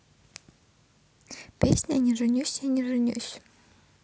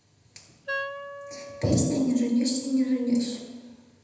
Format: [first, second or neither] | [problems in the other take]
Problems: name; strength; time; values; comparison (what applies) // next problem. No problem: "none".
first | background sound (Wind instrument, woodwind instrument); 11 dB below the speech // room echo; dies away in 1.1 s